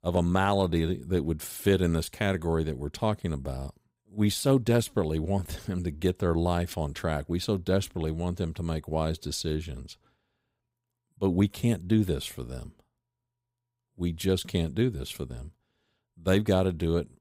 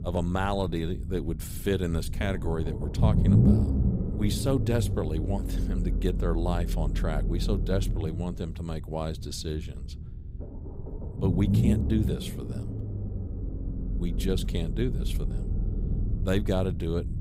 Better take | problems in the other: first | low rumble; loud; throughout; 5 dB below the speech

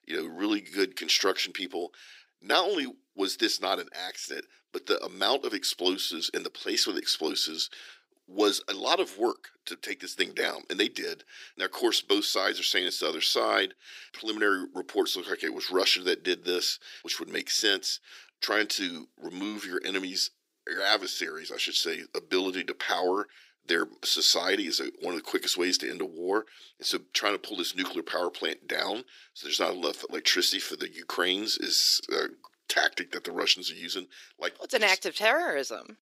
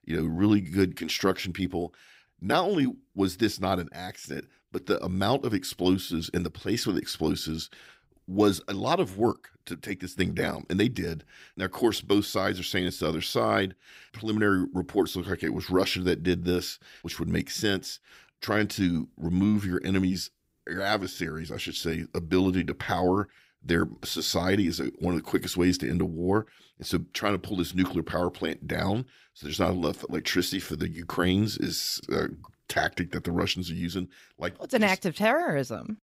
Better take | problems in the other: second | thin; somewhat; fading below 350 Hz

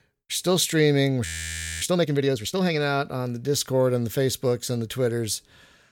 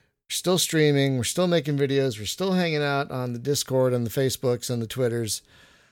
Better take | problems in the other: second | audio freezing; at 1.5 s for 0.5 s

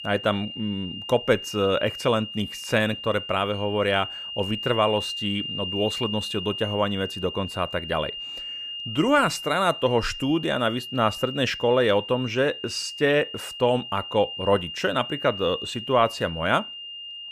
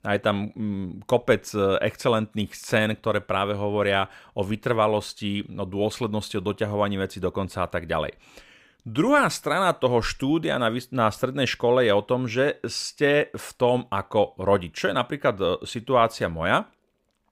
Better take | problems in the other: second | high-pitched whine; loud; throughout; 3 kHz, 8 dB below the speech

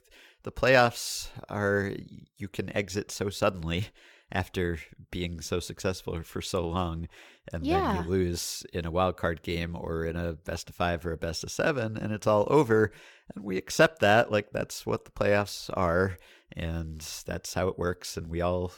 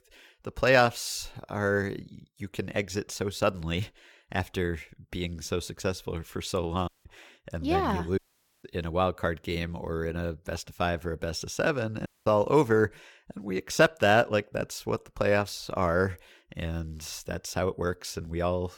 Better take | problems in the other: first | audio cutting out; at 7 s, at 8 s and at 12 s

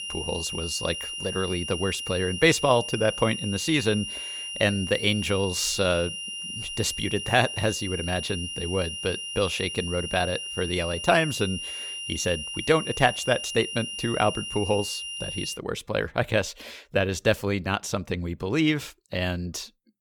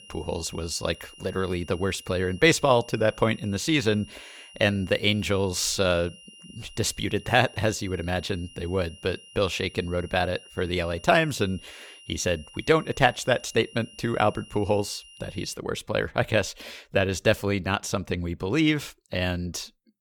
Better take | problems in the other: second | high-pitched whine; loud; until 16 s; 3 kHz, 6 dB below the speech; faint in the second

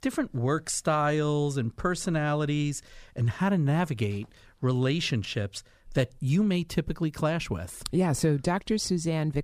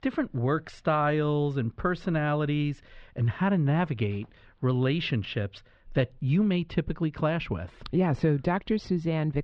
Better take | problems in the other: first | muffled; very; fading above 3.5 kHz

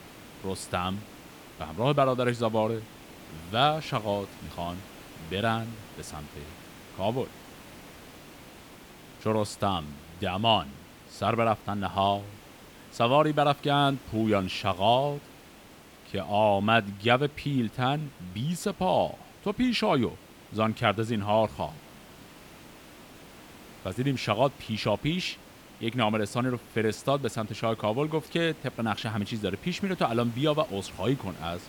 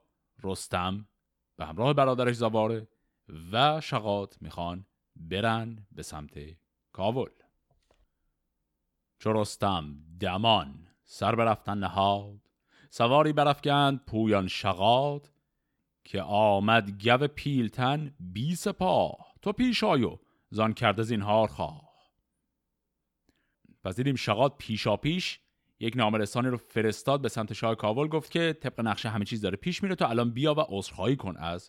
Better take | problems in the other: second | hiss; faint; throughout; 20 dB below the speech

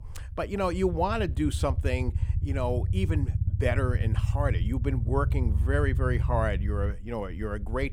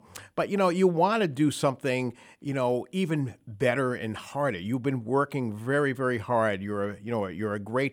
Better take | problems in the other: second | low rumble; noticeable; throughout; 15 dB below the speech

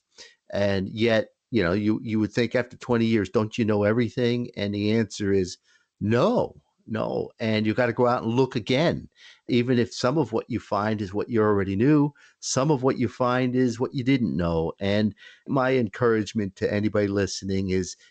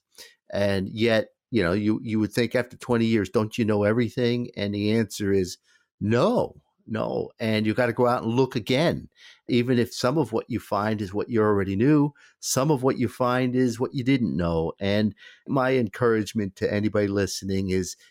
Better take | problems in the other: second | garbled, watery; slightly; nothing above 7.5 kHz

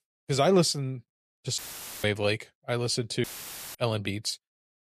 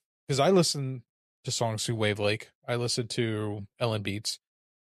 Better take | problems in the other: second | audio cutting out; filled with static; at 1.5 s and at 3 s for 0.5 s

